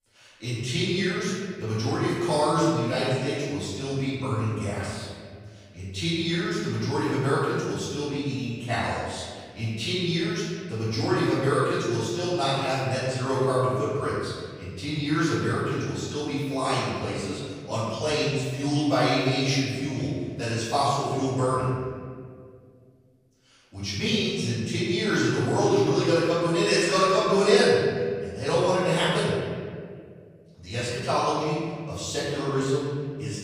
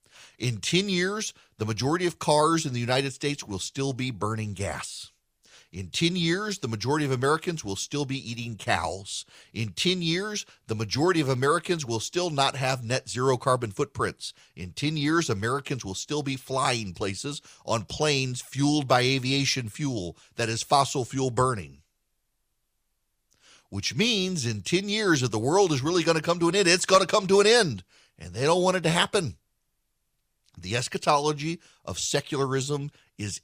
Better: second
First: off-mic speech; far // room echo; strong; dies away in 1.9 s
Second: none

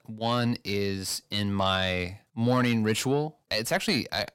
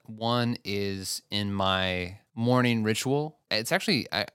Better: second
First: distortion; slight; 10 dB below the speech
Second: none

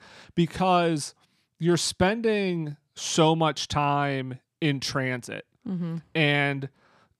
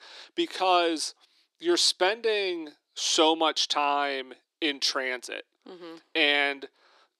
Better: first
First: none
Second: thin; very; fading below 300 Hz

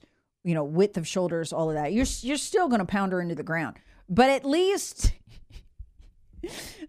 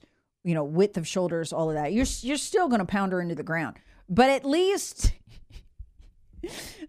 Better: neither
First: none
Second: none

